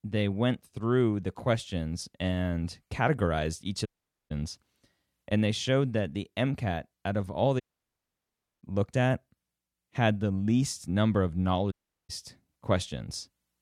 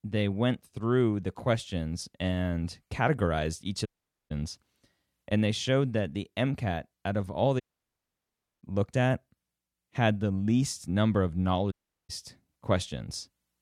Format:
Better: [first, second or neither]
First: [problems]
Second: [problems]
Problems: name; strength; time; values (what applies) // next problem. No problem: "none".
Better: neither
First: audio cutting out; at 4 s, at 7.5 s for 1 s and at 12 s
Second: audio cutting out; at 4 s, at 7.5 s for 1 s and at 12 s